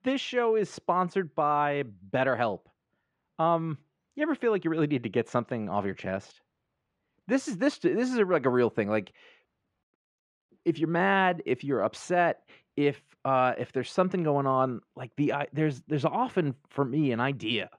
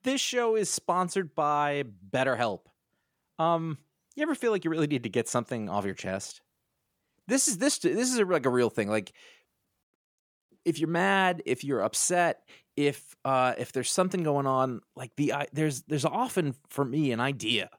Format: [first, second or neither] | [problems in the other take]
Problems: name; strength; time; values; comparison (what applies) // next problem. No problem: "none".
second | muffled; very; fading above 2.5 kHz